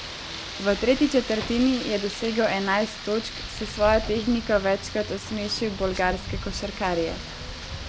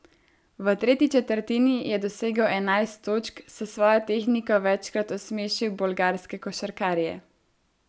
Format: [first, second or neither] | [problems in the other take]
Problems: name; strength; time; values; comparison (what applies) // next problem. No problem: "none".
second | background sound (Rain); 9 dB below the speech